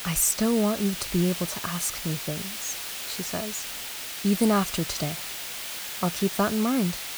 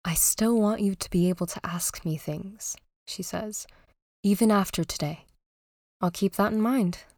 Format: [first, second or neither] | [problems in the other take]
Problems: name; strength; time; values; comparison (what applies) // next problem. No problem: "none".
second | hiss; loud; throughout; 5 dB below the speech